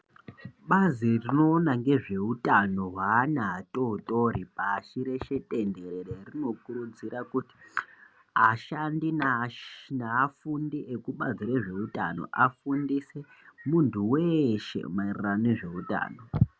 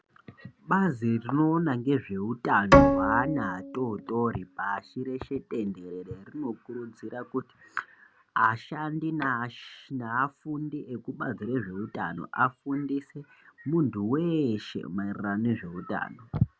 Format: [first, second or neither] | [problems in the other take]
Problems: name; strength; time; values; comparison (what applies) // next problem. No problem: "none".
first | background sound (Bowed string instrument); 4 dB above the speech